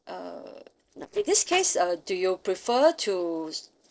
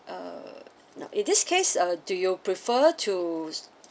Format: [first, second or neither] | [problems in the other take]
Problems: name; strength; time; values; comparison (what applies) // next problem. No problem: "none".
second | noise reduction (neural separator model SepFormer DNS4)